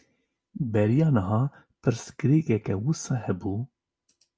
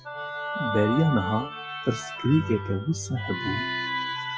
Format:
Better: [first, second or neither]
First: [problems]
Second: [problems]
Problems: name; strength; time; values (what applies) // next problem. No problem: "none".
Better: first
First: none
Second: noise reduction (classical method log-MMSE)